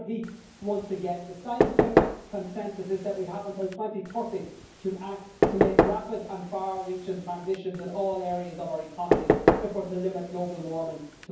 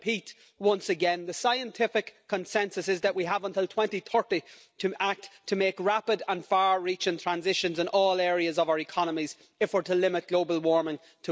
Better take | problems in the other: second | background sound (Knock / Wood); 4 dB above the speech // room echo; dies away in 0.9 s

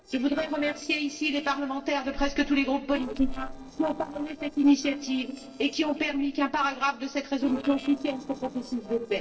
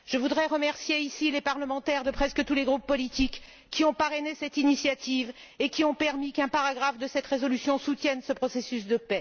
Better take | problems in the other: second | noise reduction (neural separator model SepFormer DNS4)

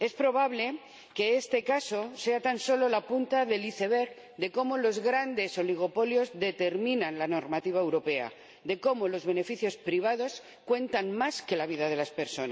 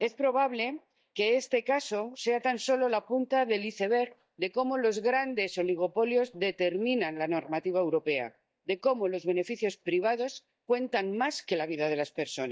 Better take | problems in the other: first | noise reduction (neural mask model DeepFilterNet 3)

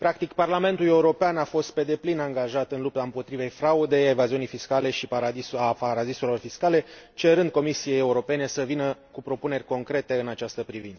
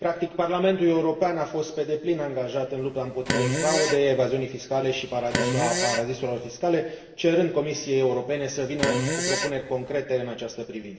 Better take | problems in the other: first | background sound (Fart); 3 dB below the speech // room echo; dies away in 1.1 s

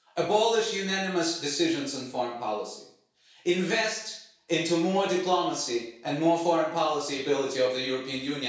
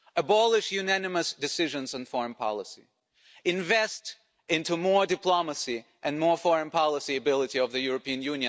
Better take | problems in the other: second | room echo; dies away in 0.6 s

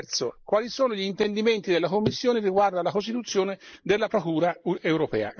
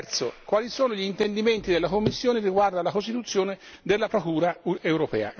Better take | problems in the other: second | noise reduction (neural mask model Resemble Enhance denoiser)

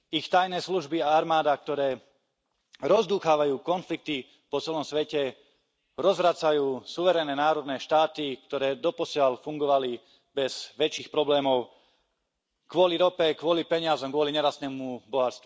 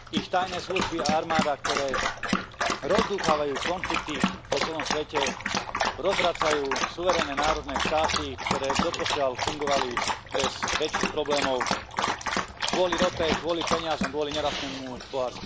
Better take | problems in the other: first | background sound (Dog); 1 dB above the speech

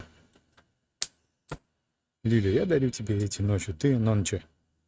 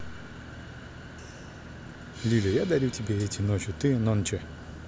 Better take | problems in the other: second | noise reduction (neural mask model RNNoise)

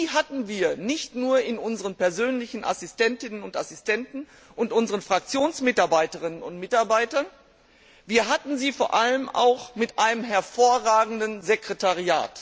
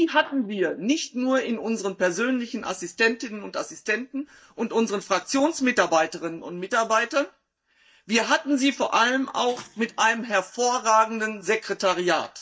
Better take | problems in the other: first | noise reduction (neural mask model DeepFilterNet 3)

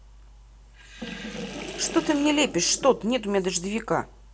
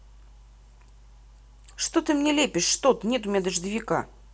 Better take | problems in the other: second | background sound (Sink (filling or washing) / Water); 12 dB below the speech

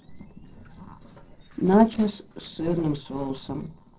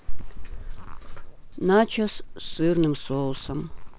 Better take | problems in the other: second | noise reduction (neural separator model SepFormer DNS4)

